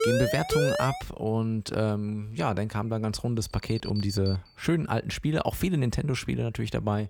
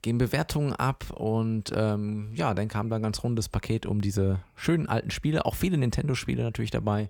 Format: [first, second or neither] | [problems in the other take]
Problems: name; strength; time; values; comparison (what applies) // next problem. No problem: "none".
second | siren; loud; until 1 s; peak 2 dB above the speech // alarm; noticeable; from 3.5 to 4.5 s; peak 9 dB below the speech